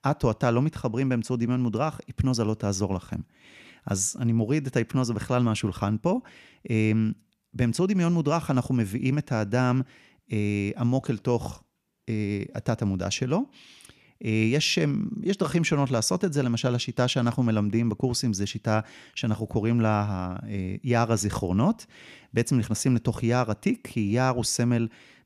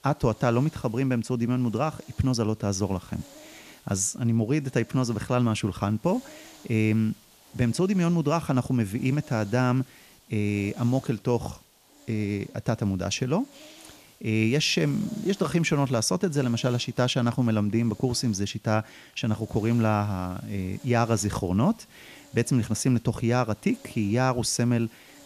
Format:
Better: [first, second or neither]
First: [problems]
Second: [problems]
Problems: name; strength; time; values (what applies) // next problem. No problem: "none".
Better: first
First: none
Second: hiss; faint; throughout; 25 dB below the speech